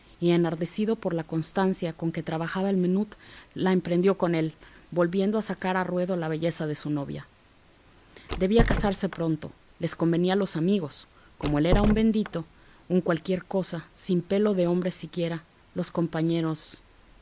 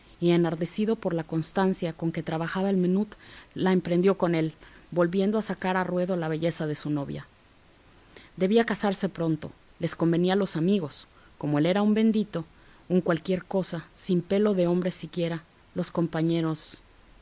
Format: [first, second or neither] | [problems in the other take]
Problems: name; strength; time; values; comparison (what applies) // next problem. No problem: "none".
second | background sound (Door); 2 dB below the speech